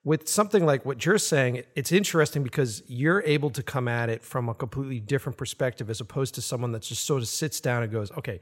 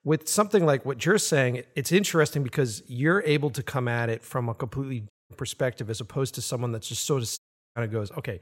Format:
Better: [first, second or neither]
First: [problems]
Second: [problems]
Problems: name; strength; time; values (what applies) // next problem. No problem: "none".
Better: first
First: none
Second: audio cutting out; at 5 s and at 7.5 s